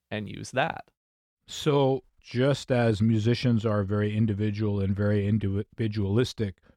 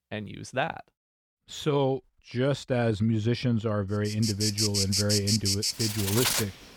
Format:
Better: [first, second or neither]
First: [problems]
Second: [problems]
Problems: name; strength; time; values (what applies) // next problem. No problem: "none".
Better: first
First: none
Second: animal sounds; very loud; from 4.5 s on; 2 dB above the speech